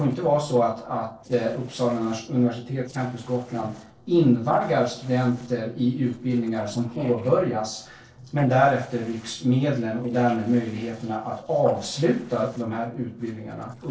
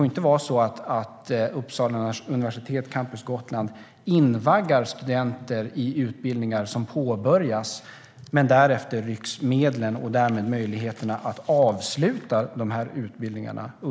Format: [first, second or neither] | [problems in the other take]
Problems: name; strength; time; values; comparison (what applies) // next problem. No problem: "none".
second | noise reduction (neural separator model SepFormer DNS4)